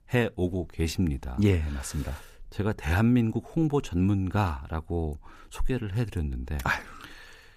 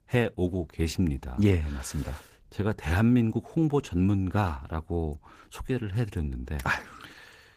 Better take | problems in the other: first | garbled, watery; slightly; nothing above 15 kHz

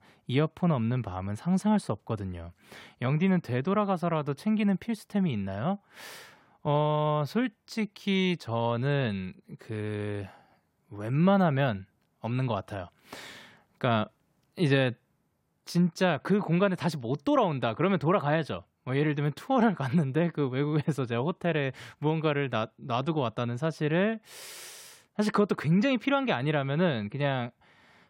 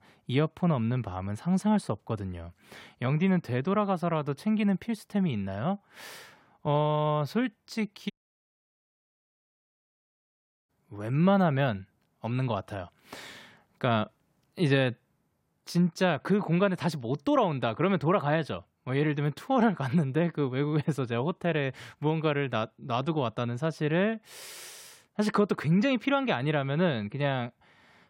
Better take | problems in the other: first | audio cutting out; at 8 s for 2.5 s

